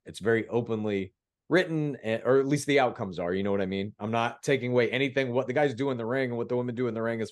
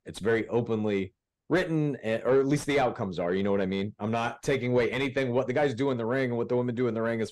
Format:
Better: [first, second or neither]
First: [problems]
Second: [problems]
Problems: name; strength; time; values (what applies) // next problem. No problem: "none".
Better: first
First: none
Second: distortion; slight; 10 dB below the speech